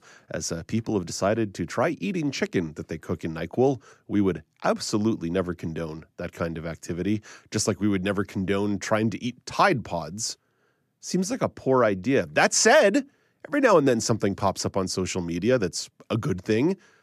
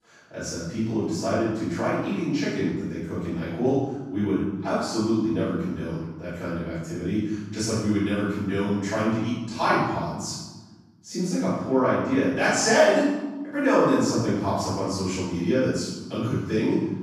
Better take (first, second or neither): first